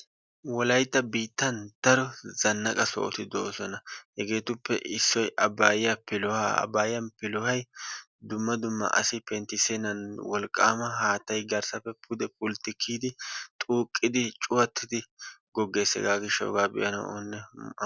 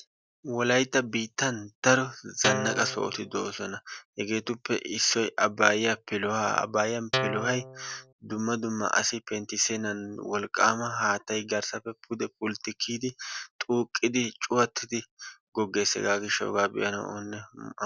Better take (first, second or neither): first